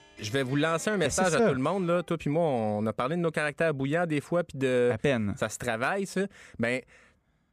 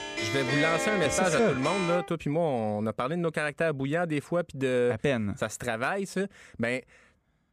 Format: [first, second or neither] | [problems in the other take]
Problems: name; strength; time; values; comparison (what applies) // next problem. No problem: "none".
first | background music; loud; until 2 s; 2 dB below the speech; faint in the first